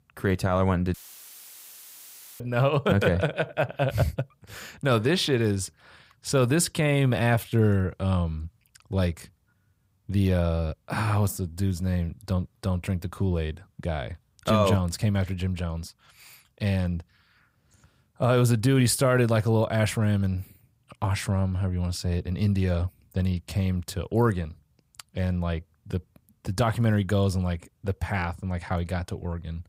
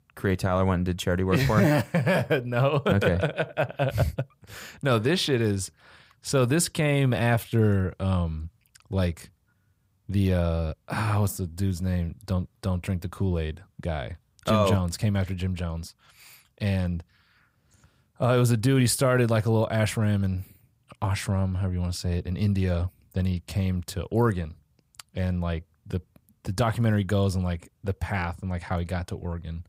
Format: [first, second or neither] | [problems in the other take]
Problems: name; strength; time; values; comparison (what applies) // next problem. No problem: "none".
second | audio cutting out; filled with static; at 1 s for 1.5 s